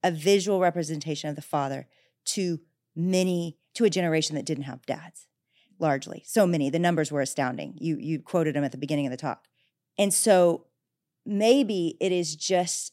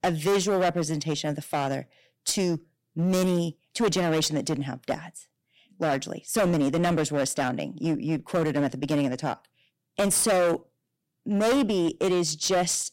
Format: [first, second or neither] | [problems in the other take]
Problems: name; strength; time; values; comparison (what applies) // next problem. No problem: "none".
first | distortion; heavy; 13% of the sound clipped